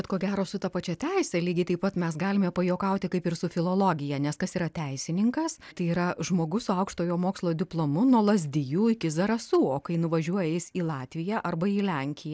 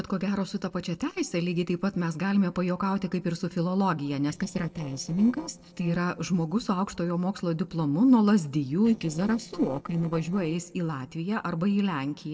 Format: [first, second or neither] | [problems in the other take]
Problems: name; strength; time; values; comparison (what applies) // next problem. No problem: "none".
first | noise reduction (neural separator model SepFormer DNS4)